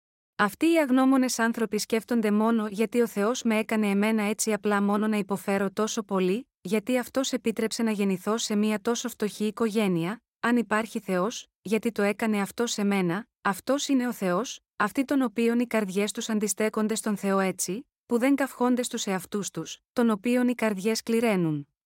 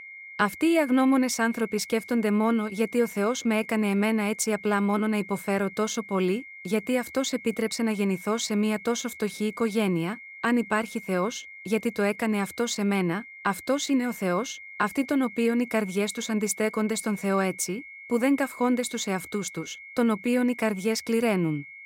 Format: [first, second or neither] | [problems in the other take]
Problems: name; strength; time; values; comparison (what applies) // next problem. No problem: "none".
first | high-pitched whine; noticeable; throughout; 2 kHz, 15 dB below the speech